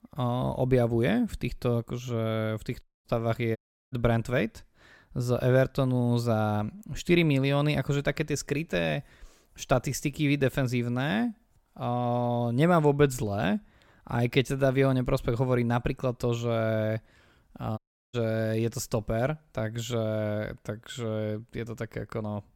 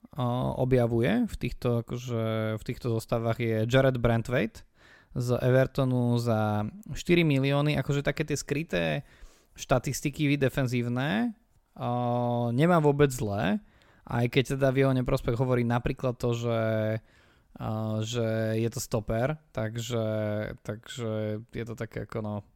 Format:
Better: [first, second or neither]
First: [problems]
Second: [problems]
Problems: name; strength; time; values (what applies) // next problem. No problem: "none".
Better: second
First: audio cutting out; at 3 s, at 3.5 s and at 18 s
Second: none